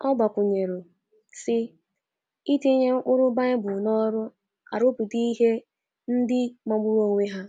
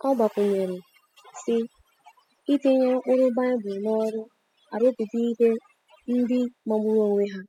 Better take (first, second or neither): first